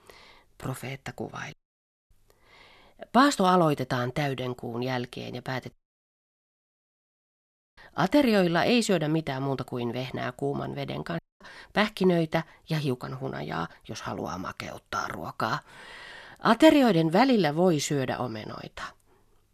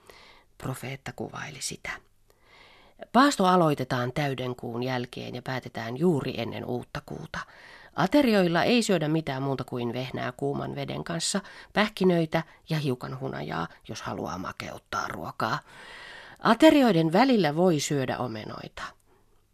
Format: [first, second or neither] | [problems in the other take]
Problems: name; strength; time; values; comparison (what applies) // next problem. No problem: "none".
second | audio cutting out; at 1.5 s for 0.5 s, at 5.5 s for 2 s and at 11 s